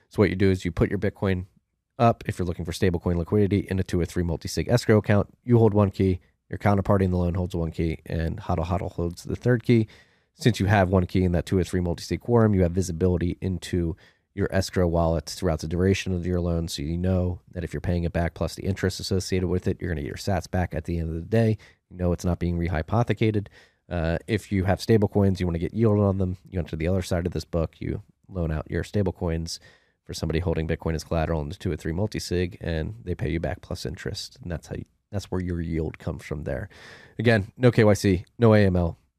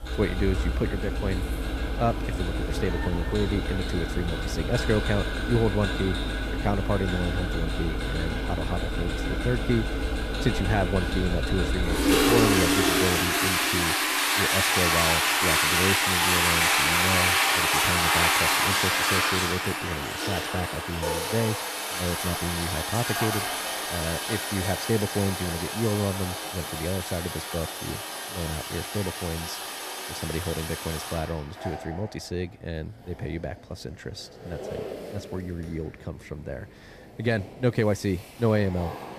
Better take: first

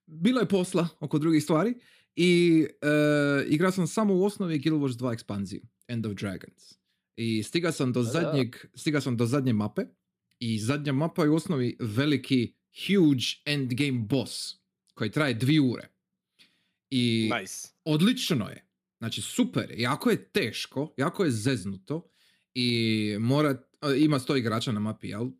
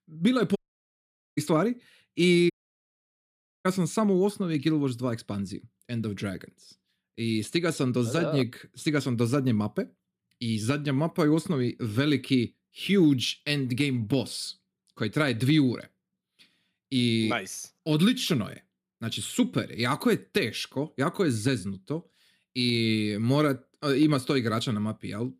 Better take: first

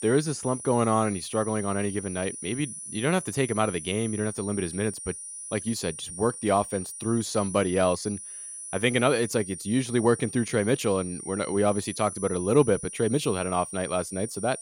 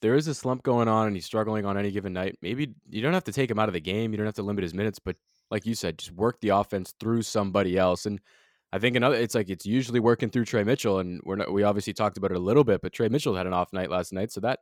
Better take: second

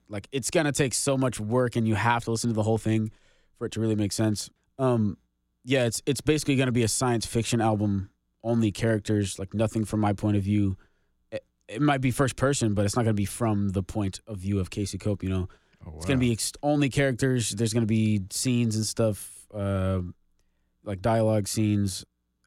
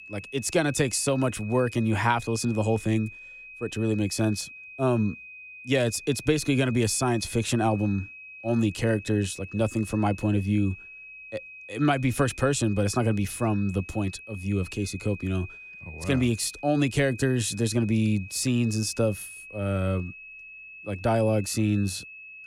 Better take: first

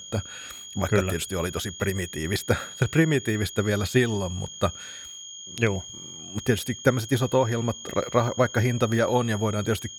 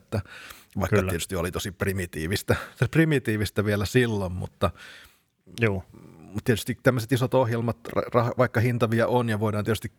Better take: second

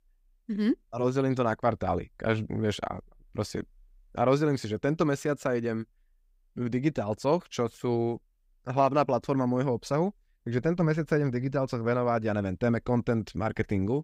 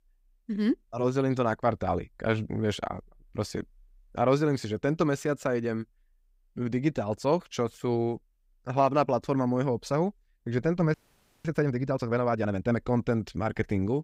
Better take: first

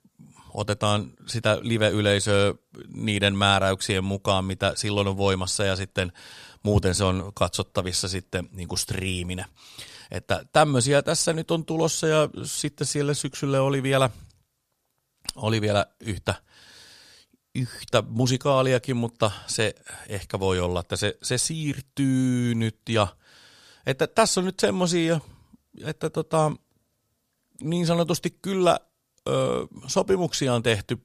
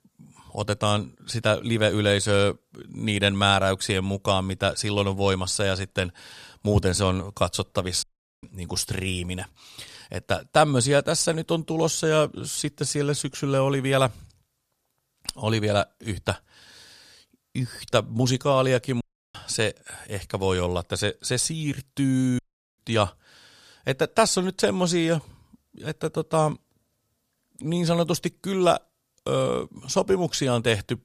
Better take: first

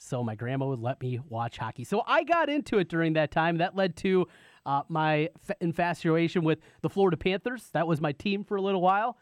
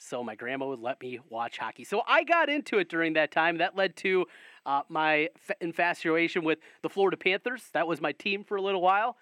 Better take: first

